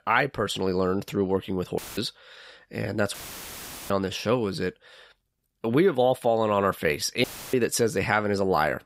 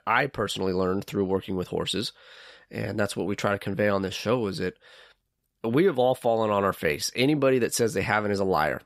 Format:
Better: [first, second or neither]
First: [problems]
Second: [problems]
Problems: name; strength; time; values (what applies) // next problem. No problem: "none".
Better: second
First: audio cutting out; filled with static; at 2 s, at 3 s for 1 s and at 7 s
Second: none